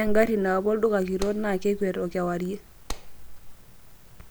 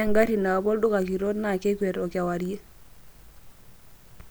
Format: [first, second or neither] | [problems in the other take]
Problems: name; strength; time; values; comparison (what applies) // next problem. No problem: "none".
second | background sound (Clapping); 11 dB below the speech